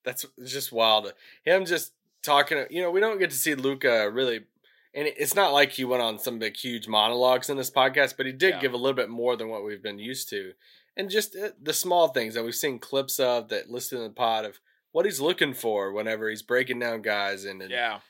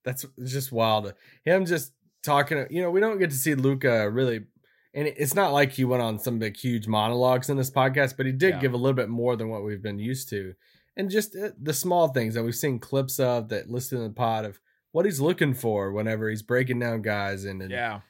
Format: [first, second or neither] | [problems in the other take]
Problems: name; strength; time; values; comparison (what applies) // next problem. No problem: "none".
second | thin; somewhat; fading below 350 Hz